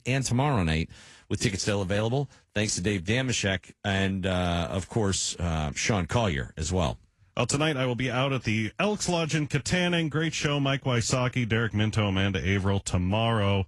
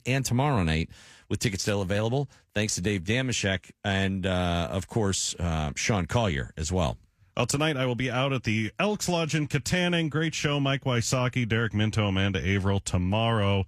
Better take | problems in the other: second | garbled, watery; slightly

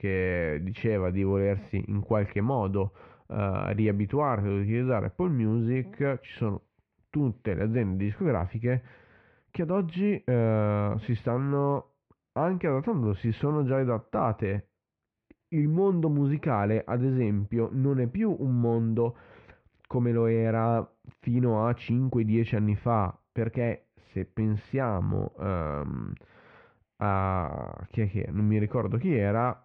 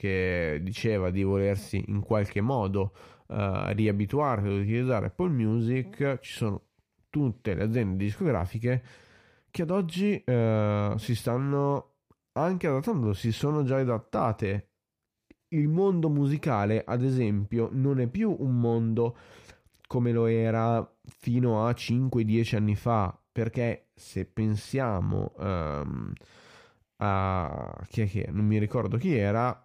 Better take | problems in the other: second | muffled; very; fading above 2.5 kHz

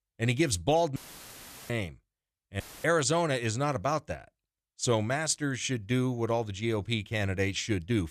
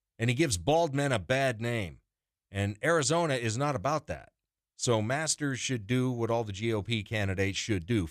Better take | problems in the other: second | audio cutting out; filled with static; at 1 s for 0.5 s and at 2.5 s

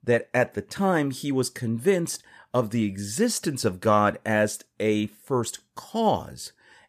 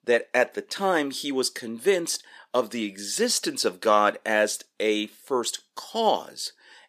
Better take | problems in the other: first | thin; somewhat; fading below 300 Hz

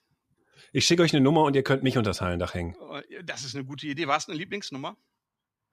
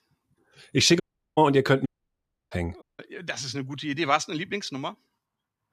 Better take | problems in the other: first | audio cutting out; at 1 s, at 2 s for 0.5 s and at 3 s

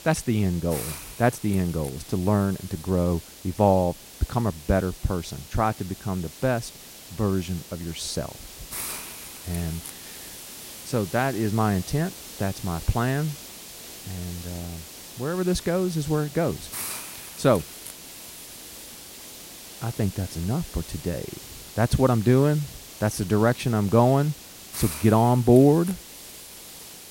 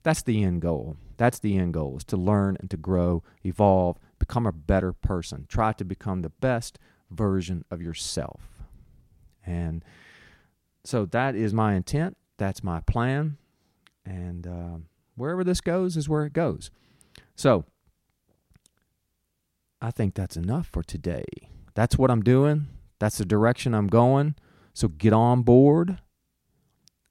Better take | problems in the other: second | hiss; noticeable; throughout; 15 dB below the speech

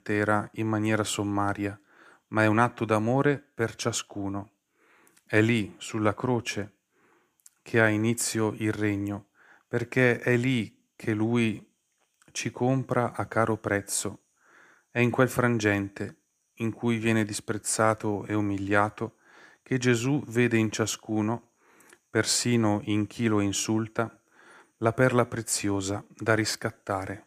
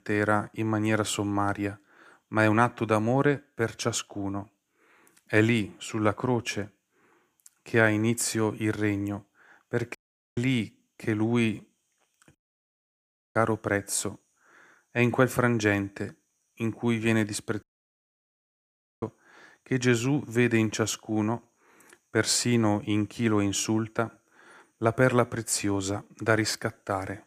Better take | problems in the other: first | audio cutting out; at 10 s, at 12 s for 1 s and at 18 s for 1.5 s

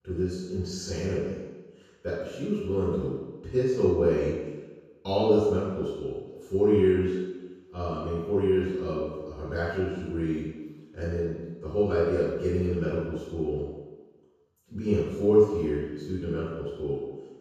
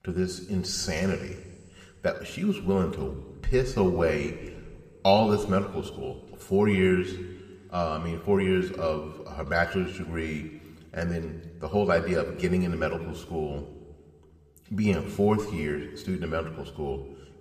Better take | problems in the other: second | room echo; strong; dies away in 1.2 s; slight in the second // off-mic speech; far

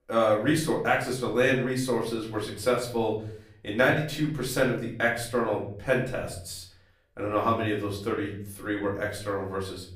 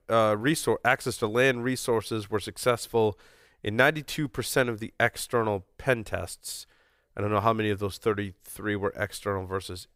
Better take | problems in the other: second | off-mic speech; far // room echo; slight; dies away in 0.5 s

